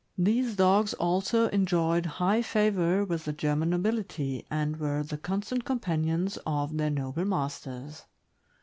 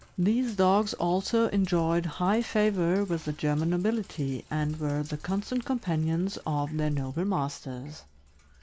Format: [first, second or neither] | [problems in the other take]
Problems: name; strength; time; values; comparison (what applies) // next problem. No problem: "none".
first | background sound (Sink (filling or washing)); 19 dB below the speech